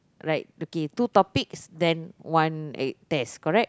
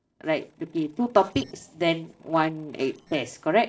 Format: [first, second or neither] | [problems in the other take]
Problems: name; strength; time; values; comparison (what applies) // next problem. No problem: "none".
first | noise reduction (neural separator model SepFormer DNS4)